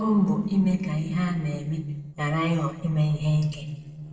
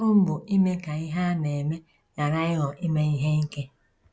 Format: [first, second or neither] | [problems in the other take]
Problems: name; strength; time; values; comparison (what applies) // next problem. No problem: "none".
second | noise reduction (neural separator model SepFormer DNS4)